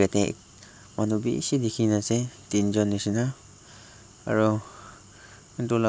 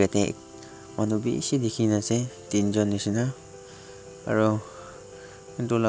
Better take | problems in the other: first | background sound (Piano); 19 dB below the speech

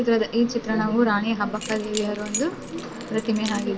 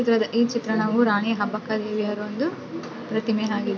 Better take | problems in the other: second | background sound (Keys jangling); 15 dB below the speech

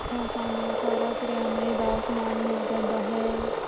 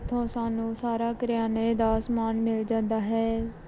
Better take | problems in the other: second | background sound (Frog + Domestic sounds, home sounds); 1 dB above the speech

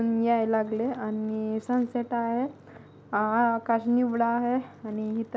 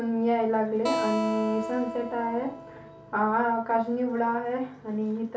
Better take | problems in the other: first | background sound (Acoustic guitar); 7 dB below the speech // room echo; dies away in 0.3 s

